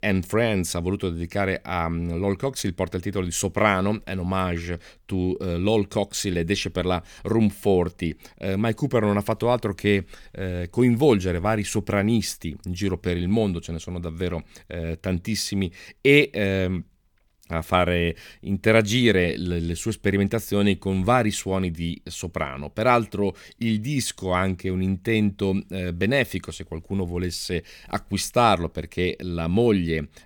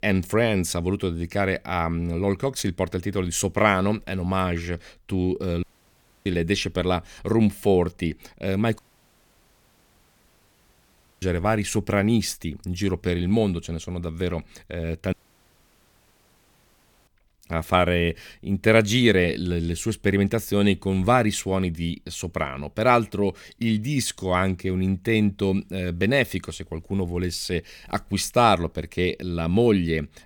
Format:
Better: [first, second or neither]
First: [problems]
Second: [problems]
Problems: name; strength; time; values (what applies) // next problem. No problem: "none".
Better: first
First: none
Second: audio cutting out; at 5.5 s for 0.5 s, at 9 s for 2.5 s and at 15 s for 2 s